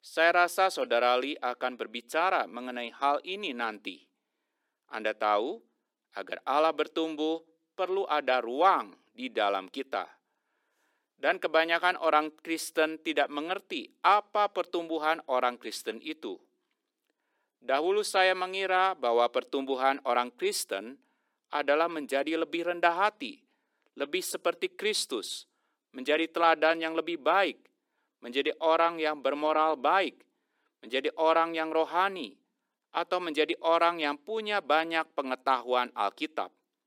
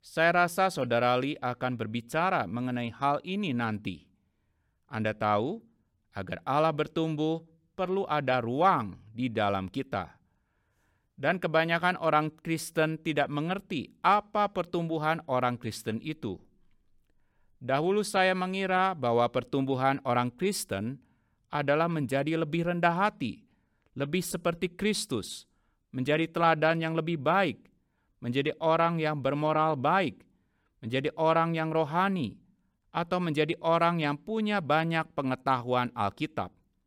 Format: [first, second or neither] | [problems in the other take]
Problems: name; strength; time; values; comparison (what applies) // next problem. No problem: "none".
second | thin; somewhat; fading below 300 Hz